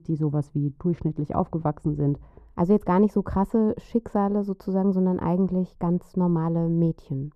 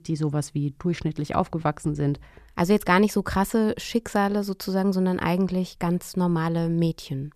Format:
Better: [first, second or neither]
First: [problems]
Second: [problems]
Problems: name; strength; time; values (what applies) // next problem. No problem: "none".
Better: second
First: muffled; very; fading above 1 kHz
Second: none